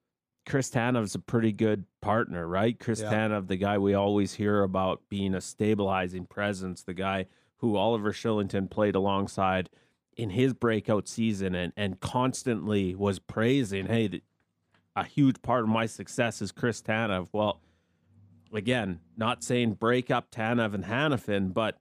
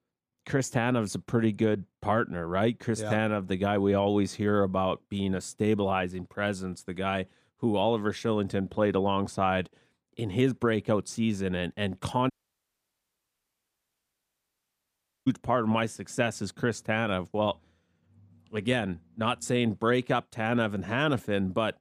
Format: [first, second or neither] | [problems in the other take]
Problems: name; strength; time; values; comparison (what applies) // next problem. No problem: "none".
first | audio cutting out; at 12 s for 3 s